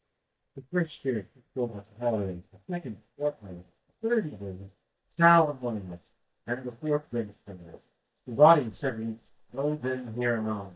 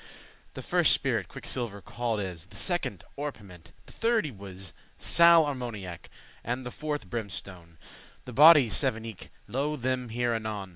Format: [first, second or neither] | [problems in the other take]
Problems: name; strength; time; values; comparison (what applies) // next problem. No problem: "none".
second | noise reduction (neural mask model DeepFilterNet 3)